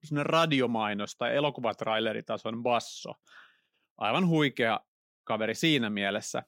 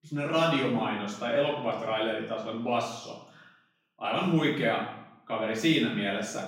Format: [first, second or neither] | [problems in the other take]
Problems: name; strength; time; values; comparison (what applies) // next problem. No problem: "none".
first | off-mic speech; far // room echo; noticeable; dies away in 0.7 s